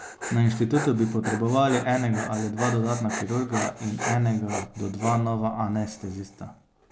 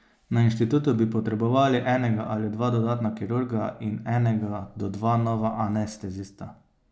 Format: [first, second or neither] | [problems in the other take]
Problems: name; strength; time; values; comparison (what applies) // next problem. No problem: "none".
second | background sound (Dog); 10 dB below the speech